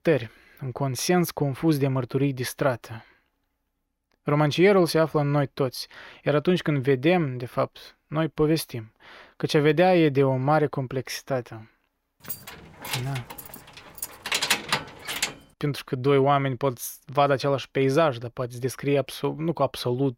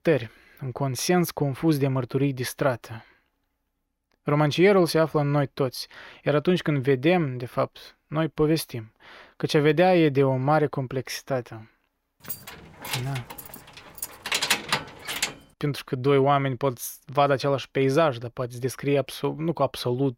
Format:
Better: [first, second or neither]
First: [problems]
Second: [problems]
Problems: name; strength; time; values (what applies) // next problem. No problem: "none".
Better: neither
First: jangling keys; loud; from 12 to 15 s; peak 1 dB above the speech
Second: jangling keys; loud; from 12 to 15 s; peak 1 dB above the speech